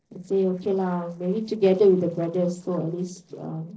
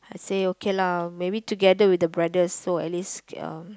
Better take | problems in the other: second | noise reduction (neural separator model SepFormer DNS4)

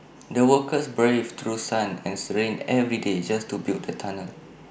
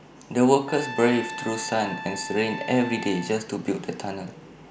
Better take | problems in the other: first | background sound (Trumpet); 11 dB below the speech

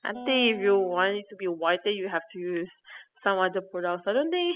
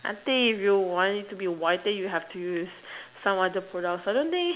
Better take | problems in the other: second | noise reduction (classical method spectral subtraction)

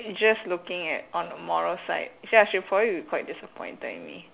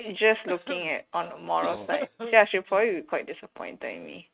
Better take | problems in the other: first | noise reduction (neural mask model RNNoise)

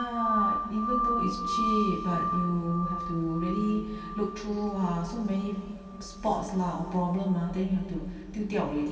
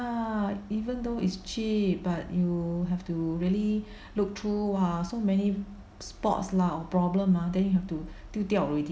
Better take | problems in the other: second | background sound (Wind chime); 4 dB below the speech // room echo; dies away in 2.5 s

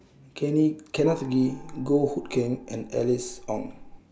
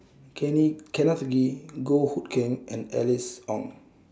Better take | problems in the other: second | background sound (Gong); 17 dB below the speech

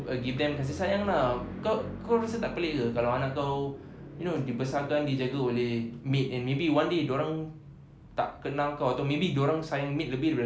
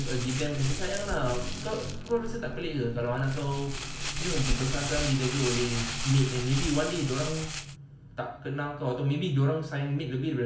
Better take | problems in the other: first | background sound (Crumpling, crinkling); 5 dB below the speech // room echo; dies away in 0.7 s

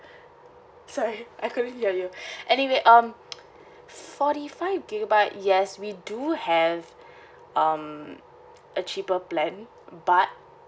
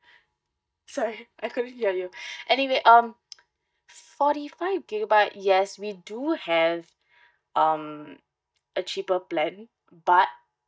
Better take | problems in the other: first | noise reduction (neural mask model DeepFilterNet 3)

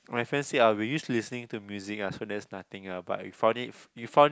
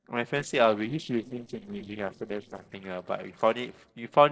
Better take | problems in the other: first | noise reduction (neural separator model SepFormer DNS4)

